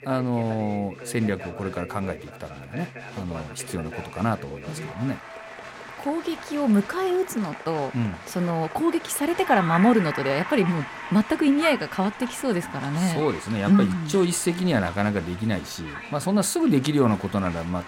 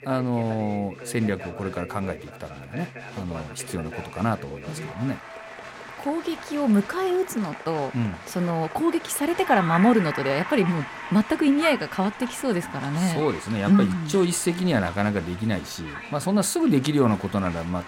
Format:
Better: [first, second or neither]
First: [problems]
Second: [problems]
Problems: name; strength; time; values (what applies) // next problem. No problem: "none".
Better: neither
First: crowd noise; noticeable; throughout; 10 dB below the speech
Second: crowd noise; noticeable; throughout; 10 dB below the speech